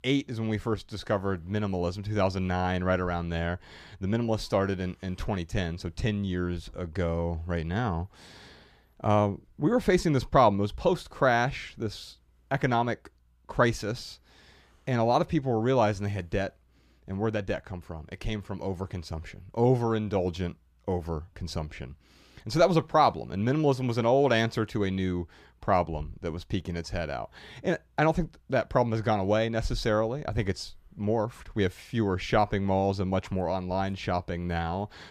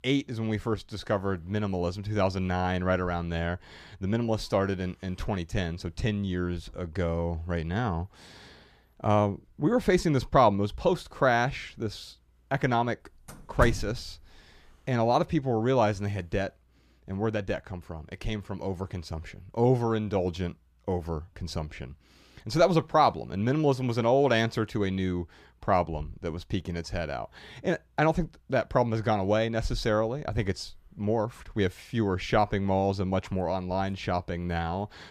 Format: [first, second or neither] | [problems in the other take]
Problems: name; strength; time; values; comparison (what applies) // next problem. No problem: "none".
first | door banging; noticeable; at 14 s; peak 4 dB below the speech